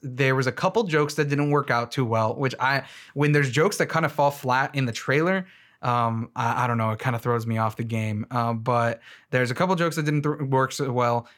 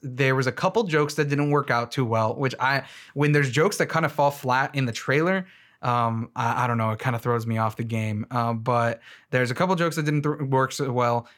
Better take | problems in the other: neither | none

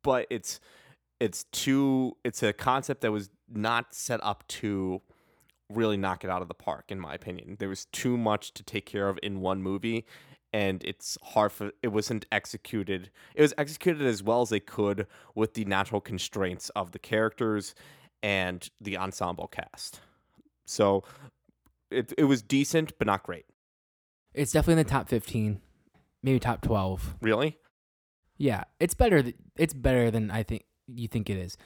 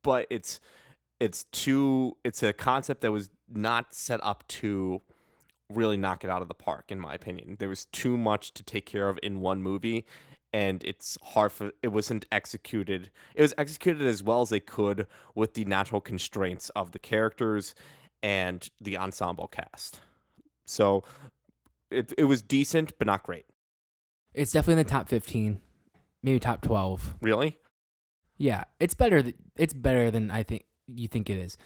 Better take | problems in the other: first | garbled, watery; slightly; nothing above 19 kHz

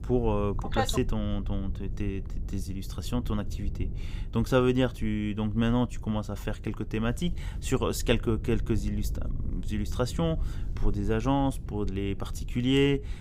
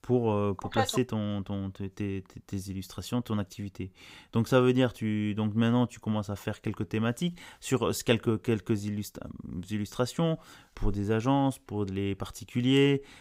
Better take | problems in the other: second | low rumble; faint; throughout; 20 dB below the speech

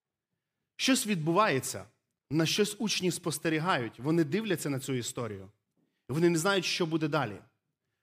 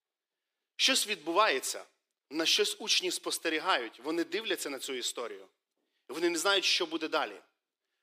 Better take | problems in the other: first | thin; very; fading below 350 Hz

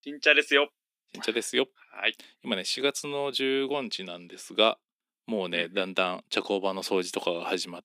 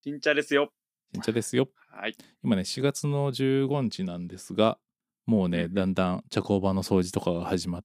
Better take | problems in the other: second | thin; somewhat; fading below 300 Hz

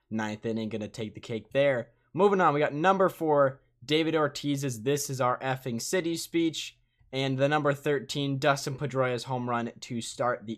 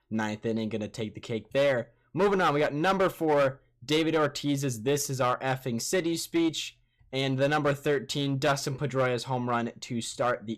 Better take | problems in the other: first | distortion; slight; 6% of the sound clipped

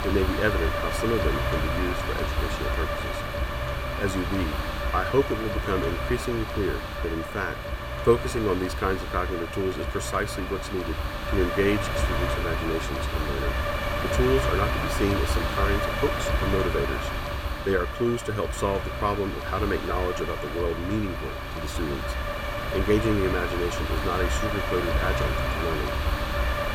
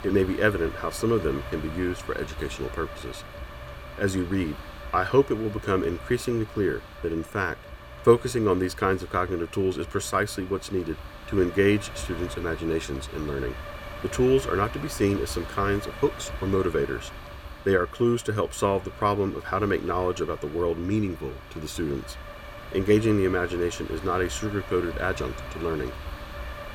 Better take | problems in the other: second | wind noise on the microphone; heavy; as loud as the speech; occasional gusts in the second

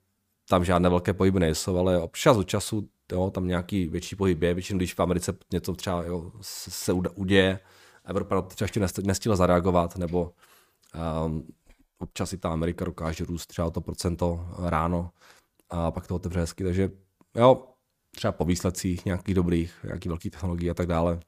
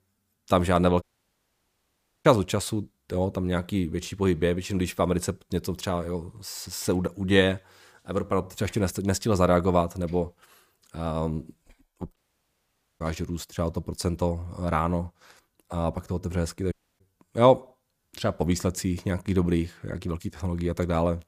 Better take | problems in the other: first | audio cutting out; at 1 s for 1 s, at 12 s for 1 s and at 17 s

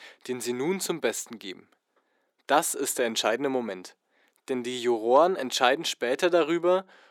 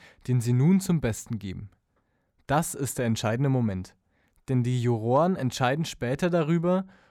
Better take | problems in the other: second | thin; very; fading below 350 Hz

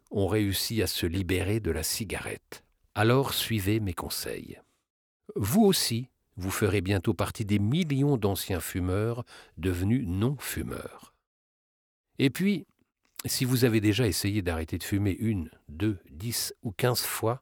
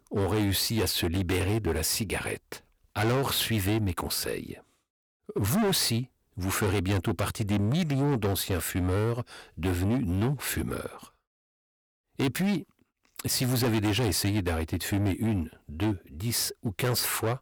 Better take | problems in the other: first | distortion; heavy; 15% of the sound clipped

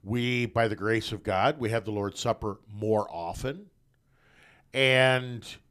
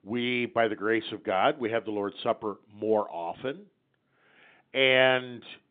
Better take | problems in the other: first | phone-call audio; nothing above 3.5 kHz

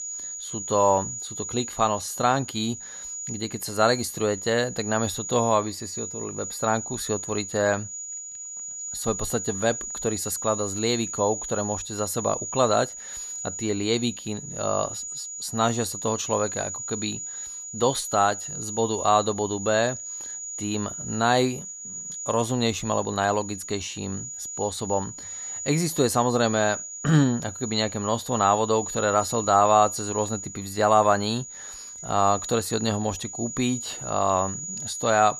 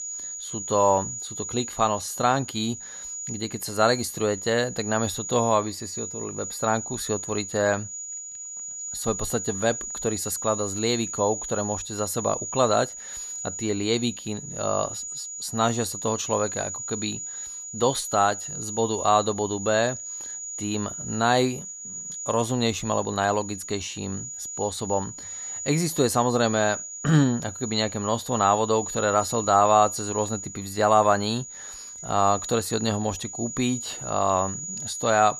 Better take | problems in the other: neither | high-pitched whine; loud; throughout; 7 kHz, 7 dB below the speech; the same in both

